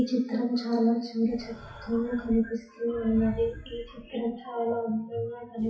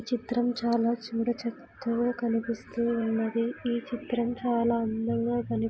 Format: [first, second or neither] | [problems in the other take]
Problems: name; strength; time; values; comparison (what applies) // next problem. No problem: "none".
second | noise reduction (classical method WPE with log-MMSE)